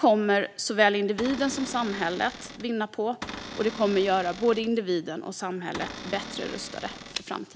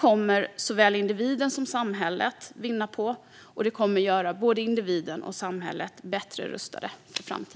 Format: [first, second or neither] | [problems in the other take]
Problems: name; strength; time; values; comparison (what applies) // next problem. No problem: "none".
second | background sound (Cupboard open or close / Door); 12 dB below the speech